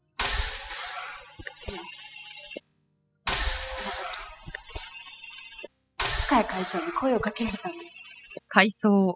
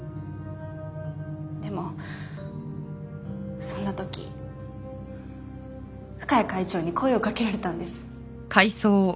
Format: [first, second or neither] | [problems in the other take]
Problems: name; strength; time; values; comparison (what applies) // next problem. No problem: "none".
second | noise reduction (classical method spectral subtraction)